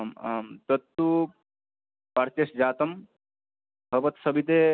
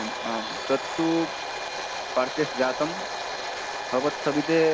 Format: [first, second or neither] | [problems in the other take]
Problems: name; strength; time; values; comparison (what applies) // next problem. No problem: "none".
first | background sound (Domestic sounds, home sounds); 4 dB below the speech